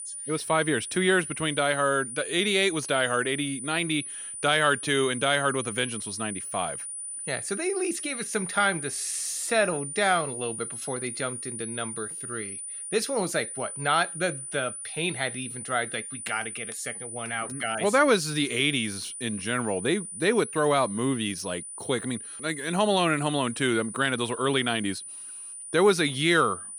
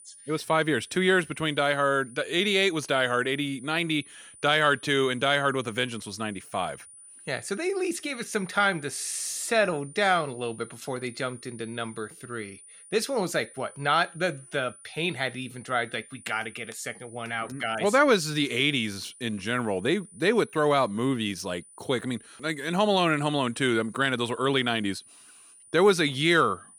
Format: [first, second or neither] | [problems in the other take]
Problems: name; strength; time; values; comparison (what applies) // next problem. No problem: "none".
second | high-pitched whine; loud; throughout; 9.5 kHz, 8 dB below the speech; faint in the second